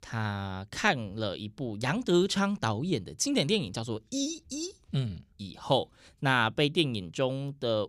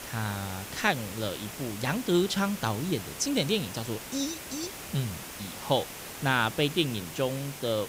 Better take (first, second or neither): first